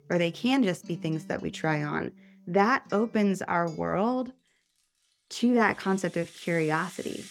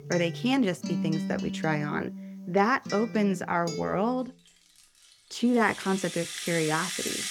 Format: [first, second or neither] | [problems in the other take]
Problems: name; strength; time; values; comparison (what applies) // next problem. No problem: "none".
first | background music; loud; throughout; 8 dB below the speech; faint in the first